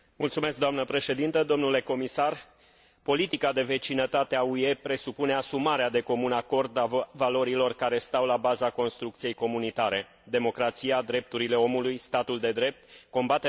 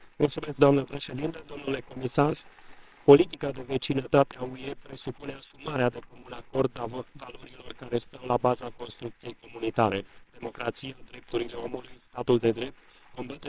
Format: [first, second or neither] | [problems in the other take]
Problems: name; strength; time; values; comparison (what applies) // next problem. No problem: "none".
first | noise reduction (neural separator model SepFormer WHAMR!)